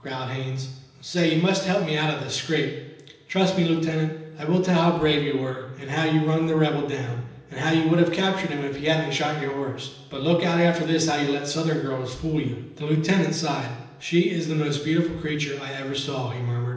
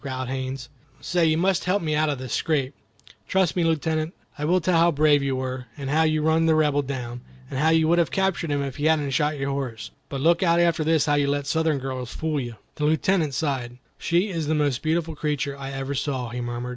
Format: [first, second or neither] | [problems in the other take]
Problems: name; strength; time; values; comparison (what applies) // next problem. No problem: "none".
second | room echo; dies away in 0.9 s